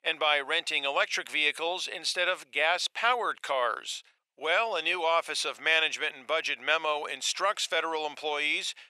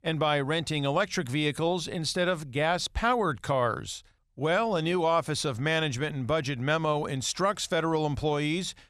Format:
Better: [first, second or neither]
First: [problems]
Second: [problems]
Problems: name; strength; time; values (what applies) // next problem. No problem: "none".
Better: second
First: thin; very; fading below 500 Hz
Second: none